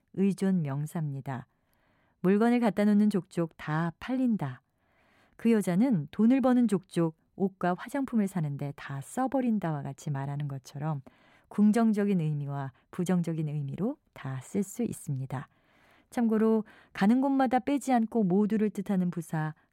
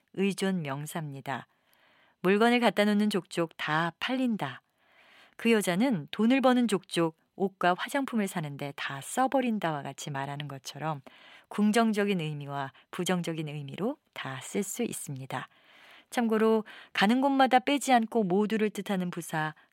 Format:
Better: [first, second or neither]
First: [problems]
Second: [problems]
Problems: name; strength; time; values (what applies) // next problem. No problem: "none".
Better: first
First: none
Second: thin; very slightly; fading below 600 Hz